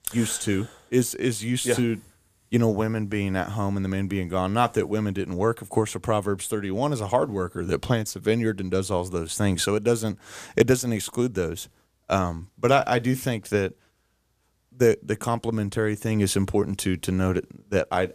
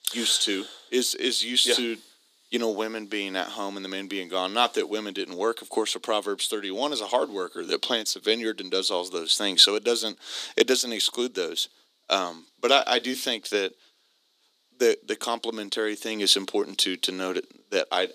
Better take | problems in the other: first | thin; somewhat; fading below 250 Hz

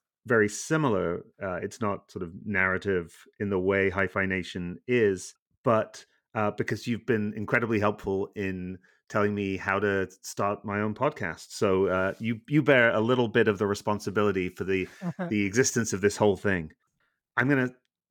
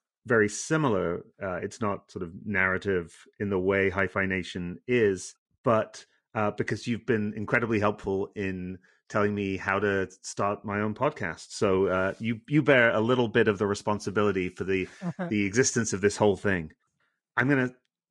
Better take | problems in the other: first | garbled, watery; slightly

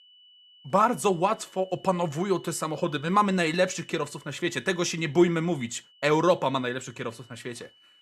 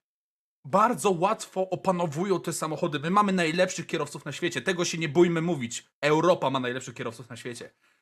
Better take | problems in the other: second | high-pitched whine; faint; throughout; 3 kHz, 25 dB below the speech

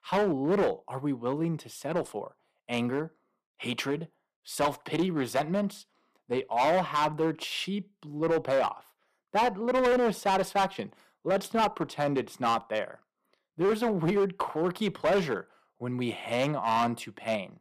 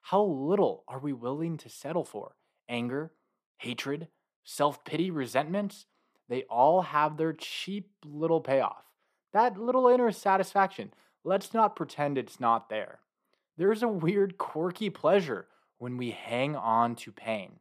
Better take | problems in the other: second | distortion; heavy; 8% of the sound clipped

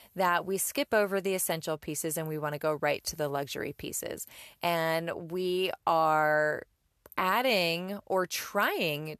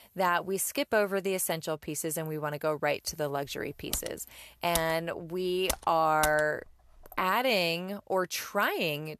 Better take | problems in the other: first | keyboard typing; noticeable; from 4 to 6.5 s; peak 5 dB below the speech

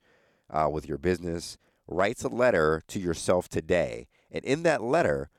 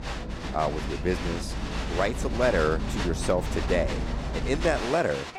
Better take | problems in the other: first | crowd noise; loud; throughout; 4 dB below the speech

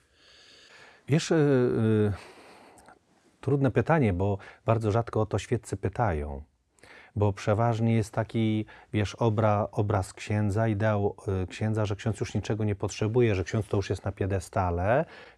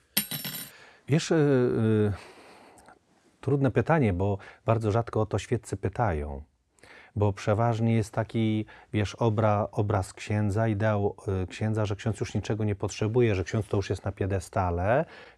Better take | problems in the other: first | clattering dishes; noticeable; at the start; peak 1 dB below the speech

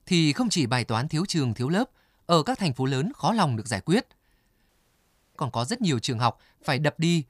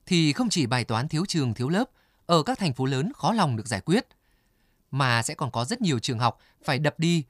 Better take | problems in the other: second | audio cutting out; at 4.5 s for 0.5 s

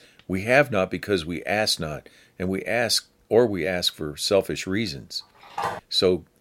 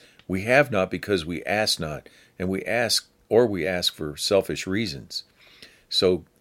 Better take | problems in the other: second | phone ringing; noticeable; at 5.5 s; peak 6 dB below the speech

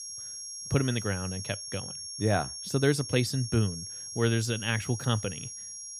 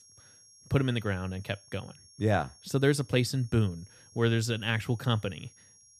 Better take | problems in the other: second | high-pitched whine; loud; throughout; 5.5 kHz, 8 dB below the speech; faint in the second

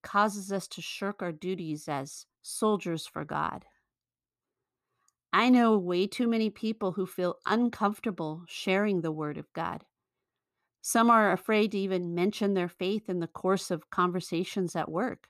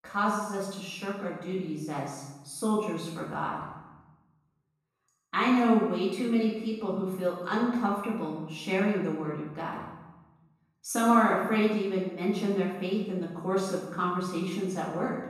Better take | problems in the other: first | room echo; noticeable; dies away in 1 s // off-mic speech; far

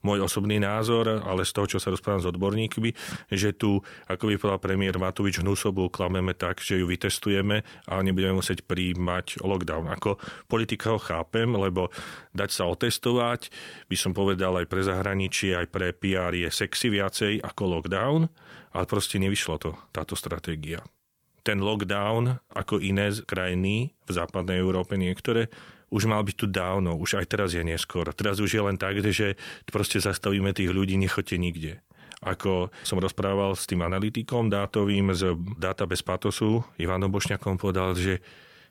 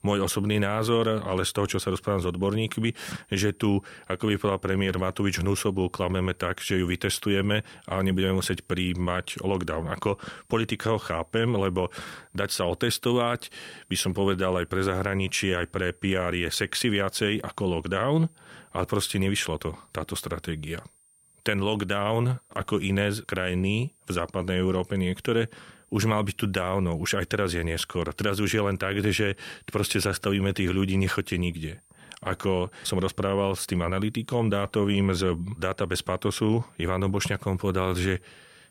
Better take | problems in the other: first | high-pitched whine; faint; throughout; 9 kHz, 30 dB below the speech

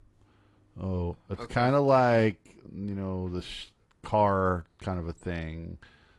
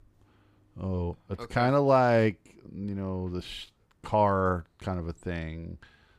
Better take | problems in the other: second | garbled, watery; slightly

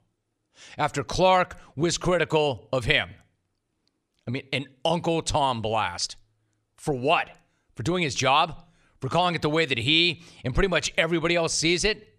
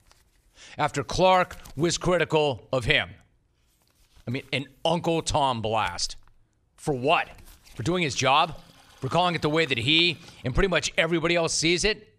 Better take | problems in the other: first | household noises; faint; throughout; 30 dB below the speech

